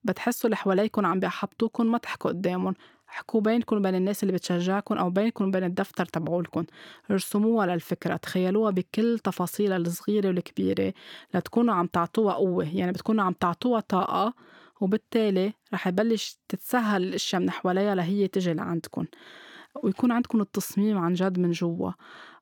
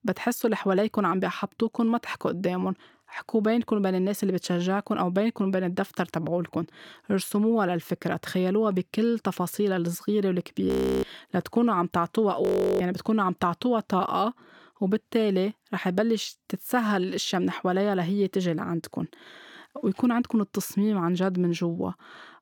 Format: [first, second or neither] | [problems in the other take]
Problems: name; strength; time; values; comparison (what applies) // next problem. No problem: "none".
first | audio freezing; at 11 s and at 12 s